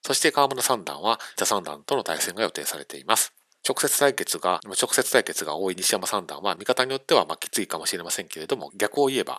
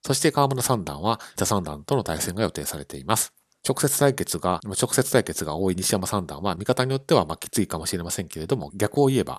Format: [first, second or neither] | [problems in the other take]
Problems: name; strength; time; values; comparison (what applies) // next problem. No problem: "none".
second | thin; somewhat; fading below 400 Hz